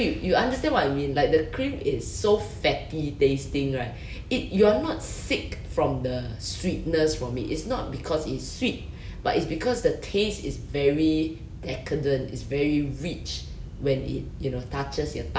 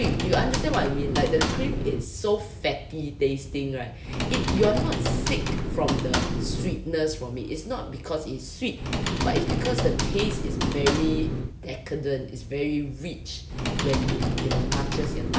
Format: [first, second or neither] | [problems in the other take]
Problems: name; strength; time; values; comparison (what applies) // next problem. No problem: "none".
first | background sound (Typing); as loud as the speech